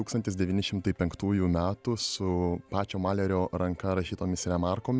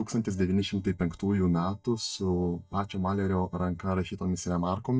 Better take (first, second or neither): first